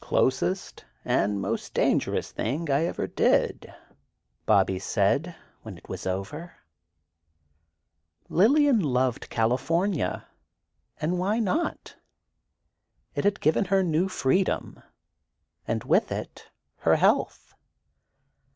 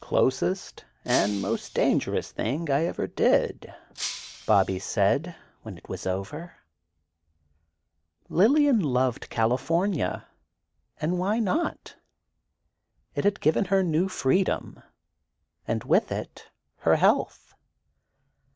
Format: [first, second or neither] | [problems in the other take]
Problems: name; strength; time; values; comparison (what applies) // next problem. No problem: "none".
first | background sound (Shatter); 13 dB below the speech